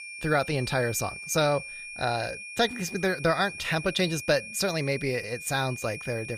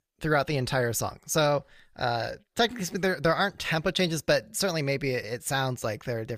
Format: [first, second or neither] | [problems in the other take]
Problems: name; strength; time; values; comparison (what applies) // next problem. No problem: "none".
second | high-pitched whine; loud; throughout; 2.5 kHz, 10 dB below the speech